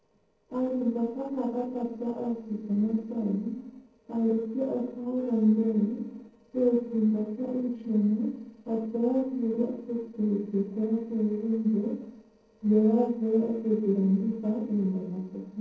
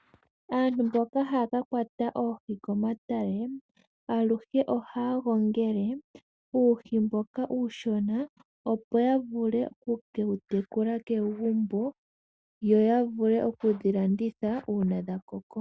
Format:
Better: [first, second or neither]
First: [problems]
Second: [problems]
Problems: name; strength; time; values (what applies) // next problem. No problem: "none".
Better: second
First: noise reduction (neural separator model SepFormer DNS4)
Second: none